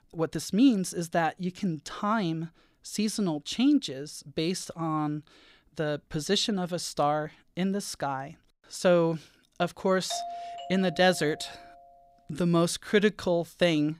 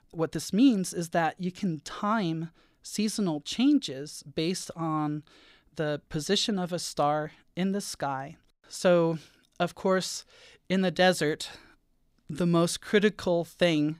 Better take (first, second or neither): second